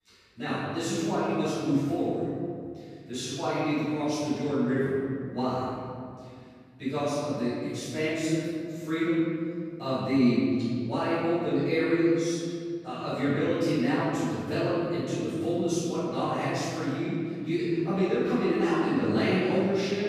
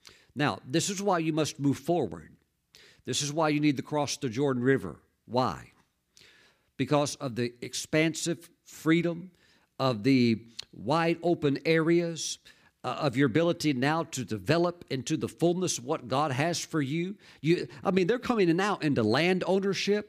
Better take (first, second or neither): second